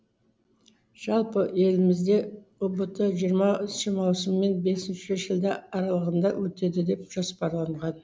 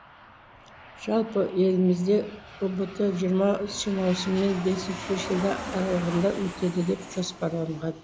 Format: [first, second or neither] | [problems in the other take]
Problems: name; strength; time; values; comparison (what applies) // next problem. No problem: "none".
first | background sound (Aircraft); 13 dB below the speech